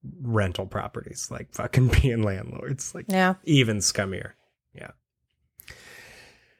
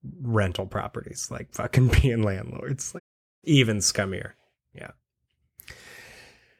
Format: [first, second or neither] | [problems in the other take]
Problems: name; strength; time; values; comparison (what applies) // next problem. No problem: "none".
first | audio cutting out; at 3 s